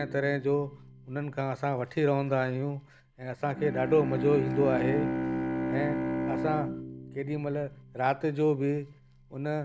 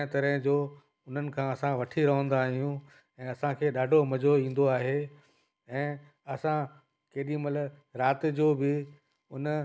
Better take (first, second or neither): second